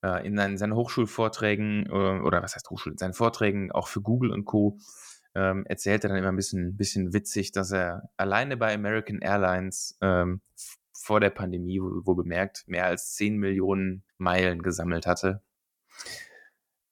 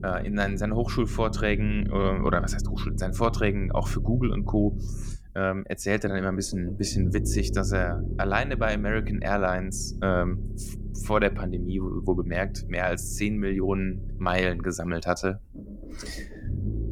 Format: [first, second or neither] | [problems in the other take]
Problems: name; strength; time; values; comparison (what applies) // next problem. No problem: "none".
first | low rumble; noticeable; throughout; 15 dB below the speech